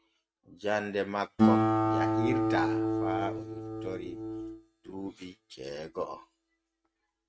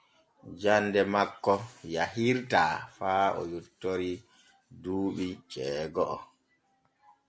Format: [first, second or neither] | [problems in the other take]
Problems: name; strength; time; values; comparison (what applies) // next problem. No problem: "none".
second | noise reduction (neural mask model RNNoise)